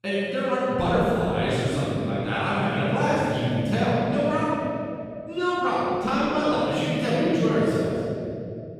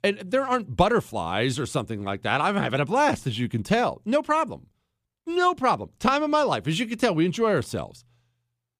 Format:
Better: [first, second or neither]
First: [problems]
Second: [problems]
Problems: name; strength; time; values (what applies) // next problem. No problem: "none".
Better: second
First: room echo; strong; dies away in 2.9 s // off-mic speech; far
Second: none